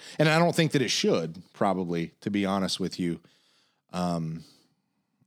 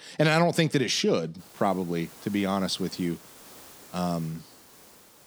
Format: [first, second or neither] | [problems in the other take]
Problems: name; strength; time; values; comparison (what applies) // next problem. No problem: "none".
first | hiss; faint; from 1.5 s on; 20 dB below the speech